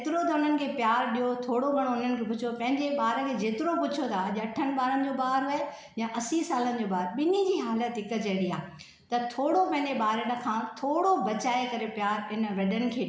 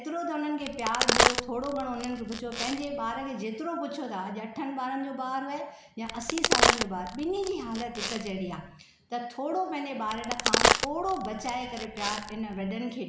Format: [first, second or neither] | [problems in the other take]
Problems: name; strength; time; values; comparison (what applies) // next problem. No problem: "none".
first | background sound (Crack); 3 dB above the speech